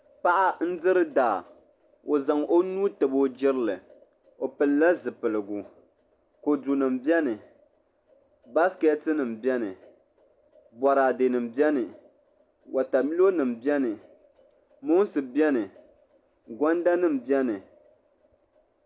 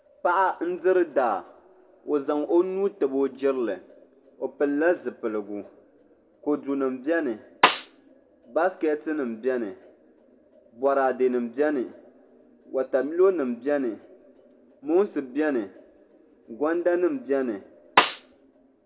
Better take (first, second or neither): first